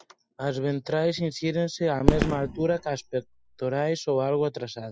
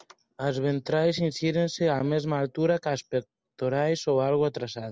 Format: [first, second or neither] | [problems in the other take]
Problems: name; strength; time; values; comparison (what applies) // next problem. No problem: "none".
second | noise reduction (classical method Wiener filter)